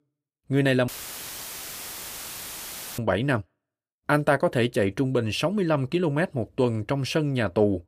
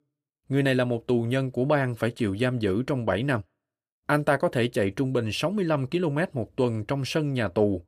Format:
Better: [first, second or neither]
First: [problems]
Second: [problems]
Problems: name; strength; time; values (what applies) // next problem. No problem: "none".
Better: second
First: audio cutting out; filled with static; at 1 s for 2 s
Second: none